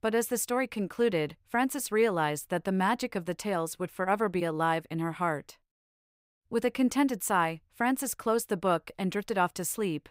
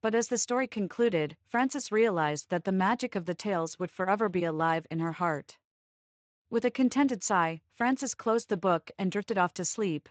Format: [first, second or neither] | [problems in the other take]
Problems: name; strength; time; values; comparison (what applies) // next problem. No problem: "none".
first | garbled, watery; slightly; nothing above 7.5 kHz